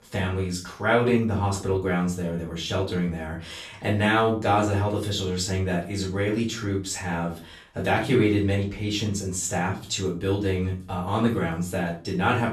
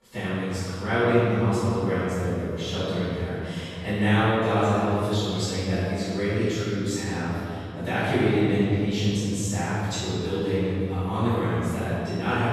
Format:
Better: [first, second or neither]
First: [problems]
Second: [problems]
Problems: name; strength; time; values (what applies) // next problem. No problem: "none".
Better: first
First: room echo; slight; dies away in 0.3 s // off-mic speech; far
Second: room echo; strong; dies away in 3 s // off-mic speech; far